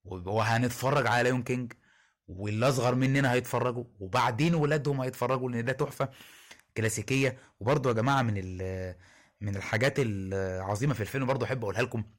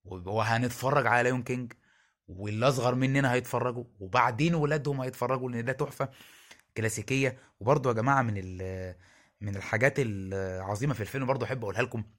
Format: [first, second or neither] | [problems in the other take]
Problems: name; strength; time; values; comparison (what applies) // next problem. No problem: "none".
second | distortion; slight; 3% of the sound clipped